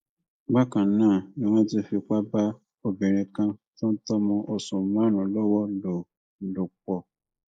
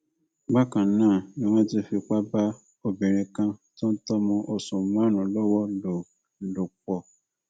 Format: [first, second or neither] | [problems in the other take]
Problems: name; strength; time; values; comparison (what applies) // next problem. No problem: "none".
second | noise reduction (neural mask model Resemble Enhance denoiser)